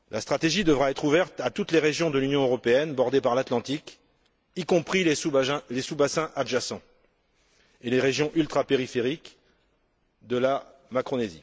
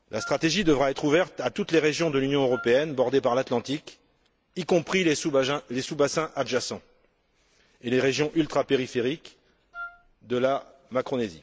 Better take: first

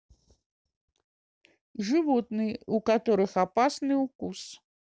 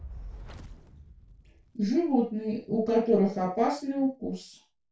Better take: first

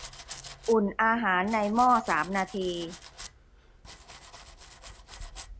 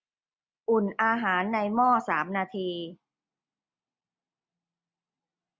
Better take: second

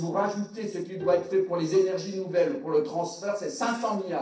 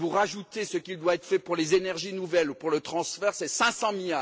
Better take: second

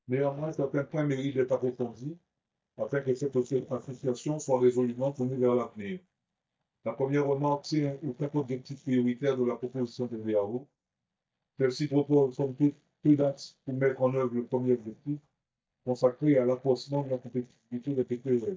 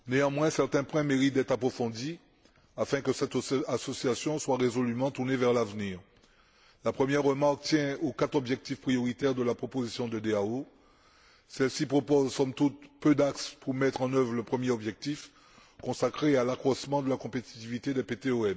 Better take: second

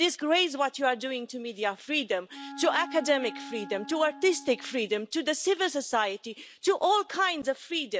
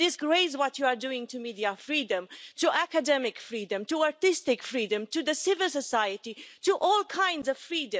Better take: second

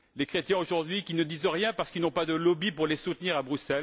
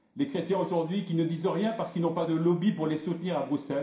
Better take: first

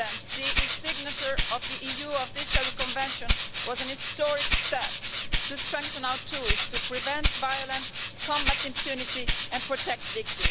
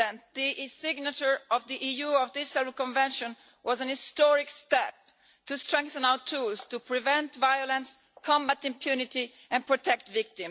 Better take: second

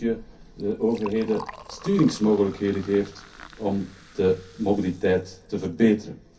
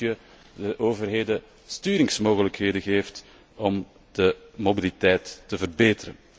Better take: second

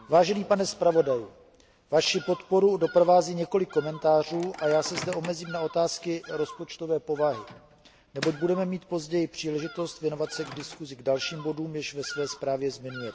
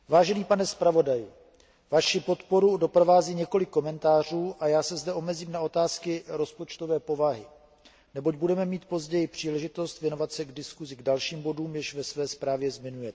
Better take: second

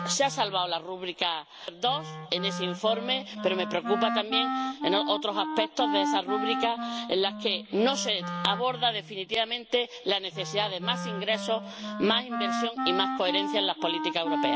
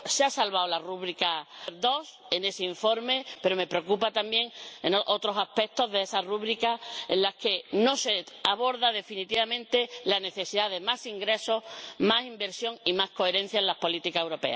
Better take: second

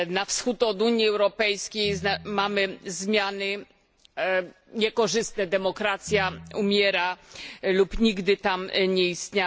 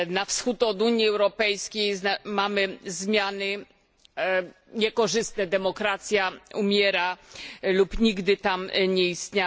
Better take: second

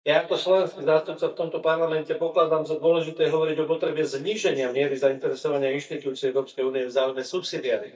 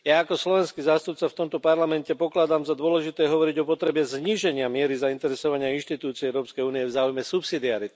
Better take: second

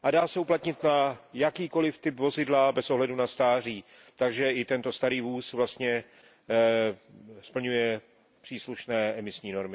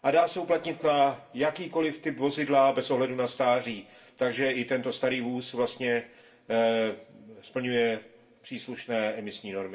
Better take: first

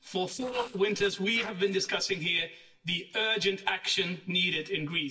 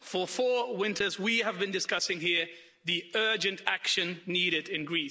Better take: second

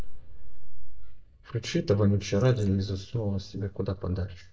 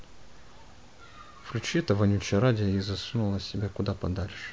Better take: second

